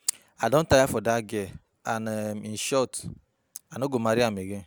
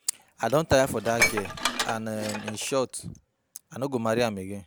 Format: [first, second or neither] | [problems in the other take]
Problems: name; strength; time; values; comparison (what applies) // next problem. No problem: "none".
first | background sound (Dishes, pots, and pans); 4 dB below the speech